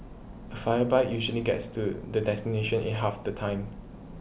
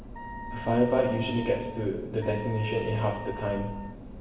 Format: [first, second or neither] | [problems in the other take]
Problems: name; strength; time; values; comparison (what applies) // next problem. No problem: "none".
first | background sound (Wind instrument, woodwind instrument); 13 dB below the speech // room echo; dies away in 1.1 s